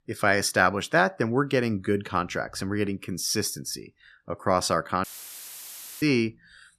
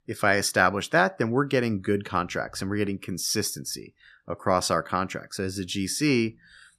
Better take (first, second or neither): second